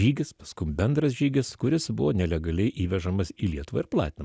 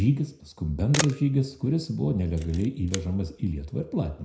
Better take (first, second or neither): first